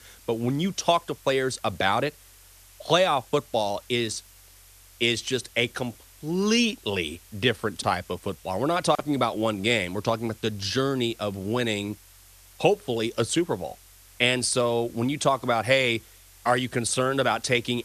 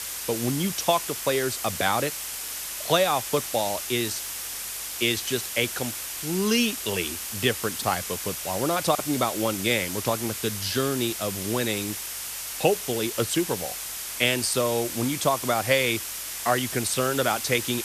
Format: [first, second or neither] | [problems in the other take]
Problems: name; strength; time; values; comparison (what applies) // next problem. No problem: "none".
first | hiss; loud; throughout; 5 dB below the speech; faint in the first